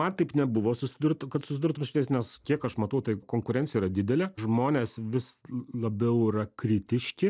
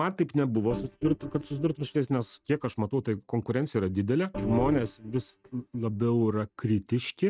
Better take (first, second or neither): first